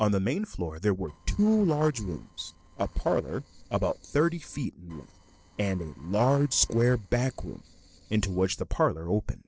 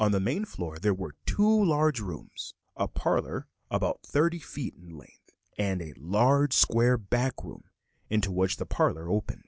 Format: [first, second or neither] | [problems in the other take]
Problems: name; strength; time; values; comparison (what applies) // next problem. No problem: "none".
second | noise reduction (neural separator model SepFormer DNS4)